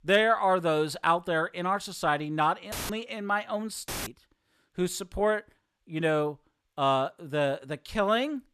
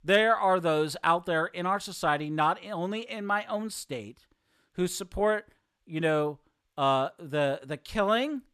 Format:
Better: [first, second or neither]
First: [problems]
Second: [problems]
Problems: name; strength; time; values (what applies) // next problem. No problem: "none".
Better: second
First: audio cutting out; filled with static; at 2.5 s and at 4 s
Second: none